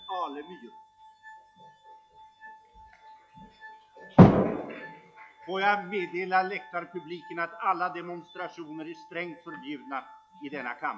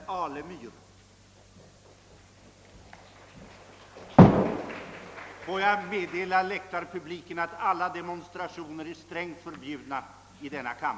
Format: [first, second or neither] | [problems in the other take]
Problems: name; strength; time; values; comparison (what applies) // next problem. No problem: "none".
second | noise reduction (classical method log-MMSE)